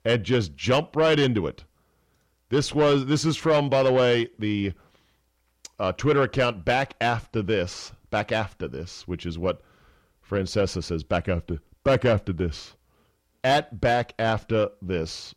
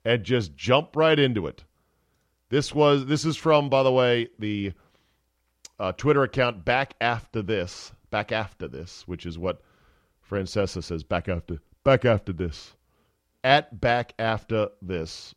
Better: second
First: distortion; slight; 10 dB below the speech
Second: none

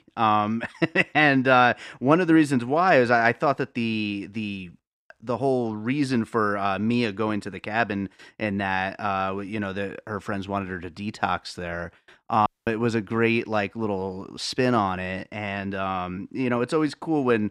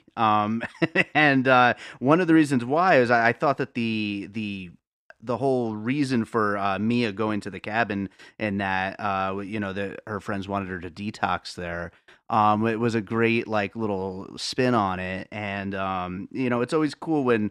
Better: second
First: audio cutting out; at 12 s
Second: none

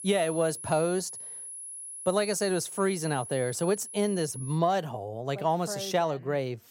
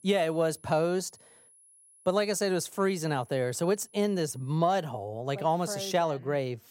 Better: second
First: high-pitched whine; loud; until 4.5 s; 10.5 kHz, 10 dB below the speech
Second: high-pitched whine; faint; until 4.5 s; 10.5 kHz, 25 dB below the speech

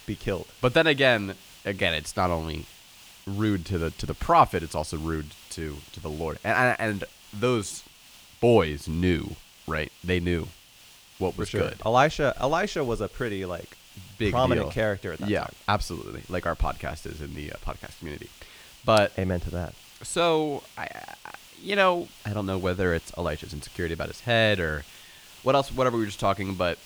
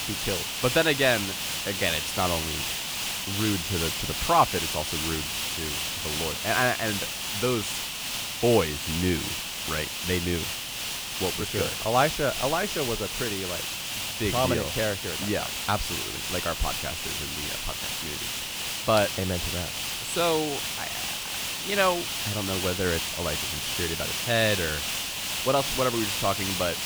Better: first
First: hiss; faint; throughout; 20 dB below the speech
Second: hiss; loud; throughout; 1 dB below the speech

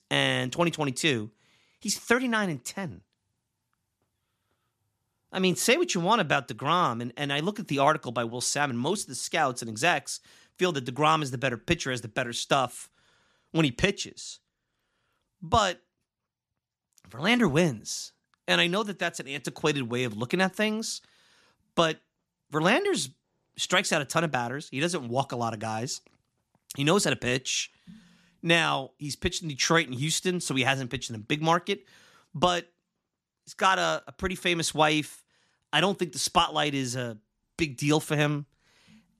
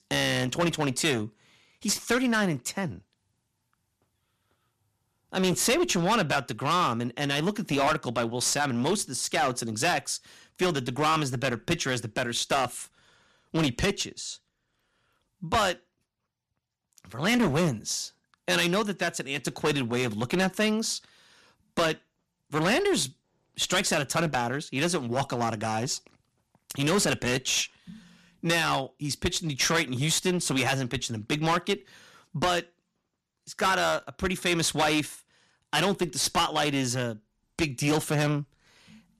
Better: first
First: none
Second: distortion; heavy; 9% of the sound clipped

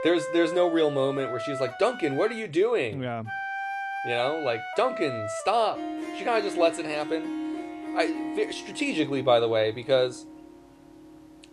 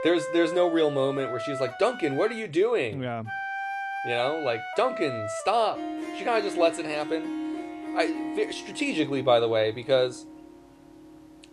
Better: neither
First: background music; loud; throughout; 8 dB below the speech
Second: background music; loud; throughout; 8 dB below the speech

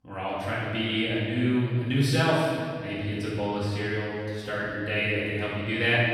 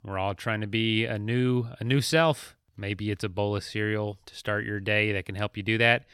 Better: second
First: off-mic speech; far // room echo; strong; dies away in 1.8 s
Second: none

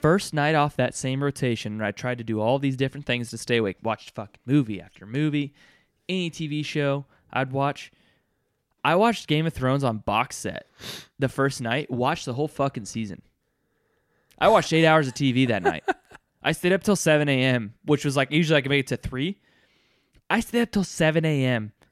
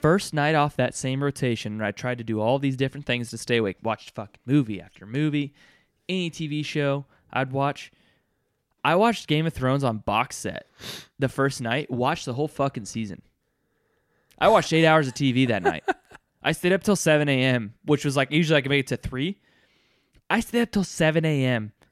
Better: neither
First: none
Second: none

